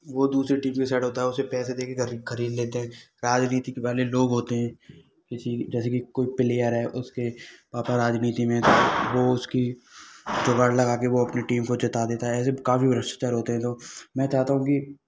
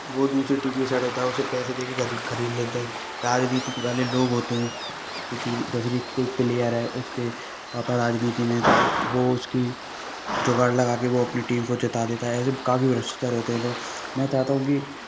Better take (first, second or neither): first